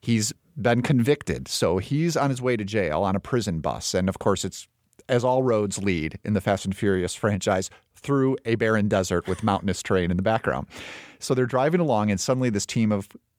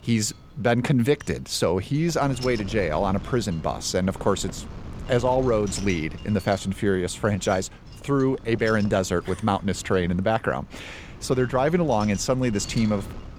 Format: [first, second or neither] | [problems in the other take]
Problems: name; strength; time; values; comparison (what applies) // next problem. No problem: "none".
first | wind noise on the microphone; occasional gusts; 20 dB below the speech